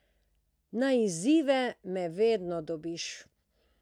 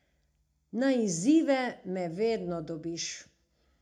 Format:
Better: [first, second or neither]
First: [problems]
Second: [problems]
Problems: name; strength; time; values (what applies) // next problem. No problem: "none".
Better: first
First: none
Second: room echo; dies away in 0.3 s